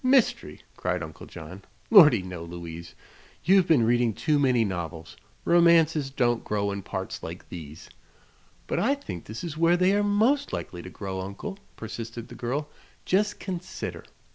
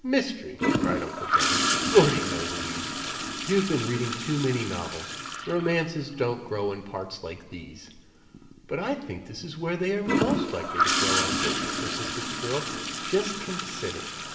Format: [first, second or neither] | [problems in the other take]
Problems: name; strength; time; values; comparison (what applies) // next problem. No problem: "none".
first | background sound (Toilet flush / Gurgling); 1 dB below the speech // room echo; dies away in 2.5 s